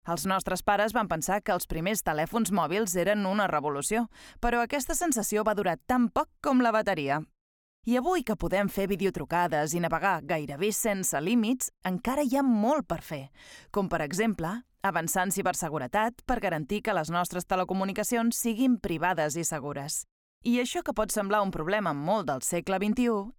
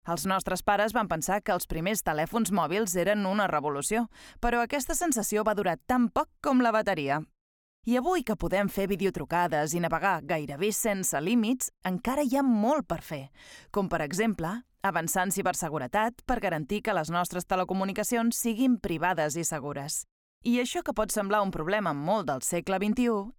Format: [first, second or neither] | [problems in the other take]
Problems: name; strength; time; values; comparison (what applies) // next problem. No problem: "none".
neither | none